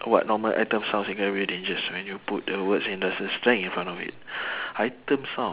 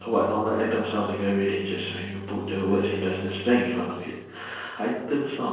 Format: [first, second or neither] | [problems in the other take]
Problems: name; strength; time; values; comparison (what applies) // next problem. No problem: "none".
first | noise reduction (neural separator model SepFormer DNS4)